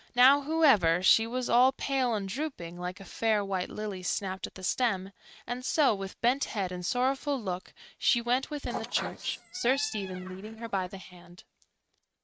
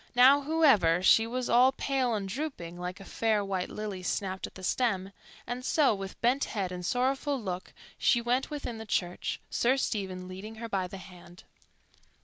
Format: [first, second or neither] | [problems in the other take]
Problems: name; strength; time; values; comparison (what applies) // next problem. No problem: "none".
second | noise reduction (neural mask model RNNoise)